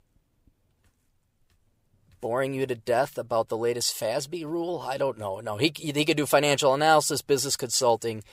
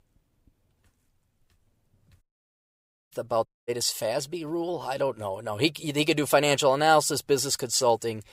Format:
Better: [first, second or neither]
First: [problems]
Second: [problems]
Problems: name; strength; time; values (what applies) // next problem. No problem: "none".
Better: first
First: none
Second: audio cutting out; at 2 s for 1 s and at 3.5 s